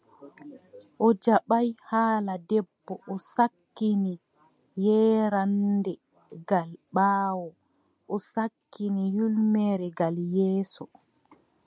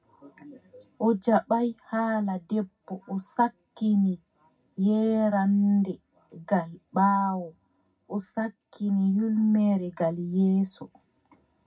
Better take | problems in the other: first | room echo; dies away in 0.4 s

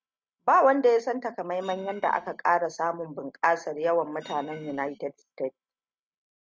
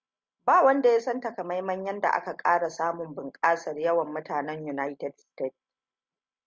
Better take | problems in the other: second | noise reduction (neural mask model RNNoise)

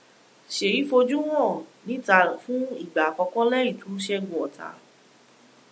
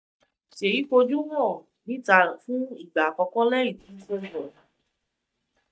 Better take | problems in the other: first | noise reduction (neural mask model DeepFilterNet 3)

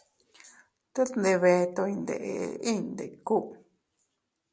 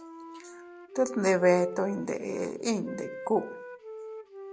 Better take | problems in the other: first | background sound (Wind instrument, woodwind instrument); 13 dB below the speech

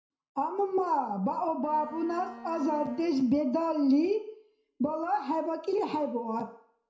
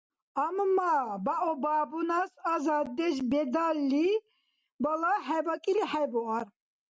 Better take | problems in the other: second | background sound (Bowed string instrument); 16 dB below the speech // room echo; dies away in 0.5 s

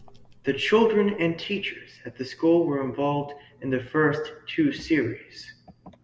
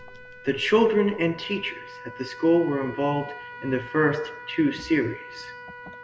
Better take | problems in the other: first | background sound (Trumpet); 16 dB below the speech

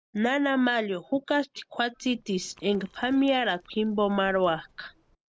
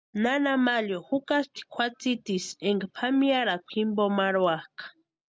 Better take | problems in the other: second | noise reduction (neural separator model SepFormer DNS4)

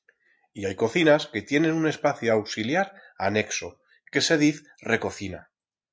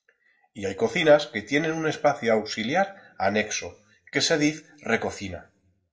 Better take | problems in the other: first | room echo; dies away in 0.3 s

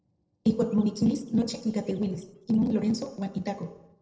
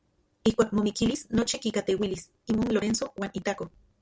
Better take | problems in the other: second | noise reduction (neural separator model SepFormer DNS4)

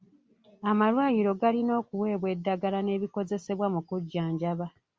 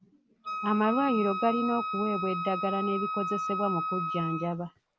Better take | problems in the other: first | background sound (Wind instrument, woodwind instrument); 3 dB below the speech

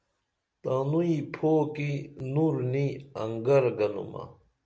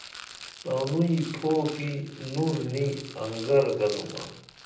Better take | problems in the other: first | background sound (Rattle); 15 dB below the speech // room echo; dies away in 0.6 s

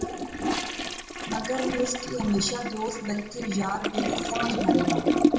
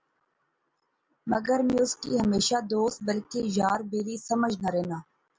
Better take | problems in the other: second | background sound (Toilet flush); 2 dB above the speech // room echo; dies away in 0.6 s

